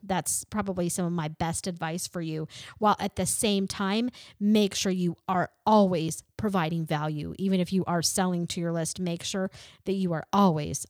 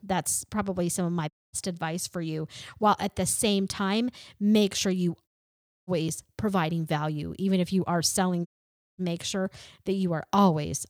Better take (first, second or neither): first